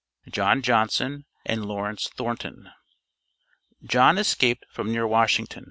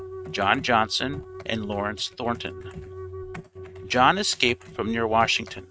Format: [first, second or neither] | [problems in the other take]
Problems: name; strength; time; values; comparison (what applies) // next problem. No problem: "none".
first | noise reduction (neural mask model RNNoise)